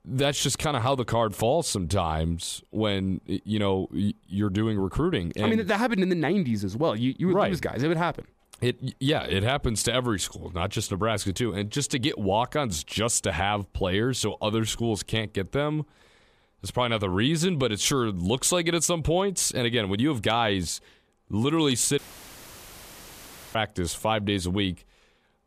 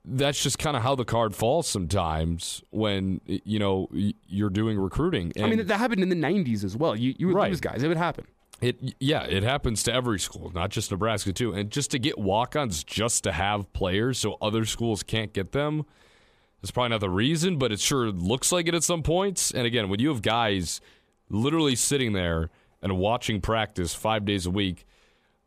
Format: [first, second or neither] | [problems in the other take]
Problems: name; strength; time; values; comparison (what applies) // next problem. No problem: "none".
second | audio cutting out; filled with static; at 22 s for 1.5 s